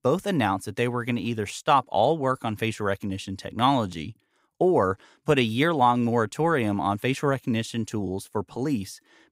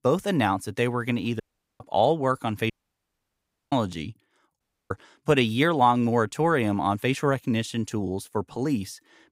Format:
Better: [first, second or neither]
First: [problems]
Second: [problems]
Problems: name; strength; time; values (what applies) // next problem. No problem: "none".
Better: first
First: none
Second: audio cutting out; at 1.5 s, at 2.5 s for 1 s and at 4.5 s